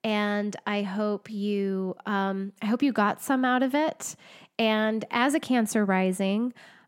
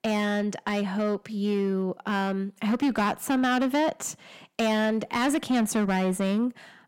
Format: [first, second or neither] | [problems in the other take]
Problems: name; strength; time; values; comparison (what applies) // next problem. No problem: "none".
first | distortion; slight; 10% of the sound clipped